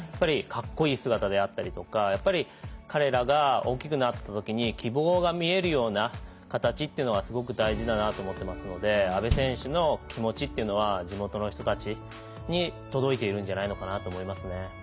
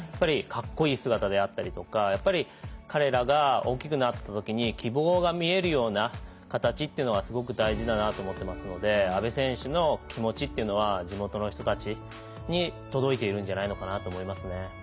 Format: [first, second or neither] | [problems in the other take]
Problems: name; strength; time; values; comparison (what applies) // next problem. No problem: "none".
second | background sound (Bass drum); 10 dB below the speech